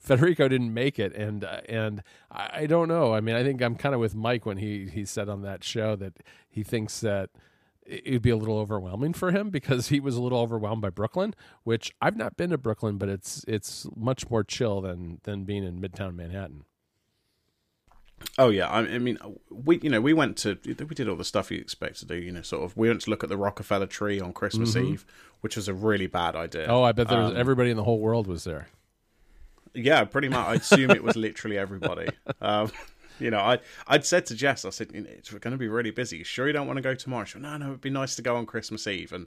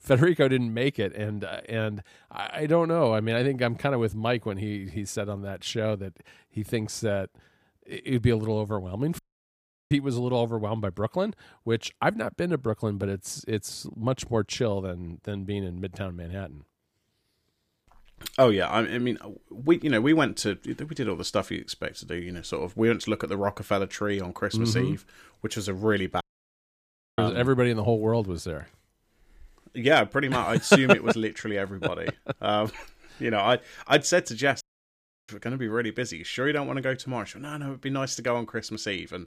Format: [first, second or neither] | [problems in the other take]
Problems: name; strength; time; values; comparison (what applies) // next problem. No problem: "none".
first | audio cutting out; at 9 s for 0.5 s, at 26 s for 1 s and at 35 s for 0.5 s